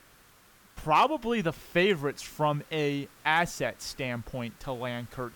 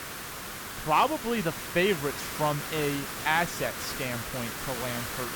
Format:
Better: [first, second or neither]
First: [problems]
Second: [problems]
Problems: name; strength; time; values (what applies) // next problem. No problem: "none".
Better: first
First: hiss; faint; throughout; 25 dB below the speech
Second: hiss; loud; throughout; 5 dB below the speech